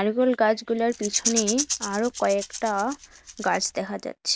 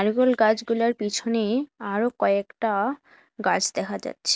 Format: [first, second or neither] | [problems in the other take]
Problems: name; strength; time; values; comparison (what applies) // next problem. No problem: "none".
second | background sound (Rattle / Rattle (instrument)); 7 dB below the speech